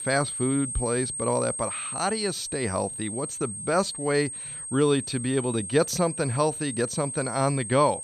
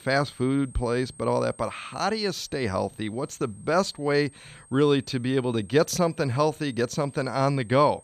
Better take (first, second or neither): second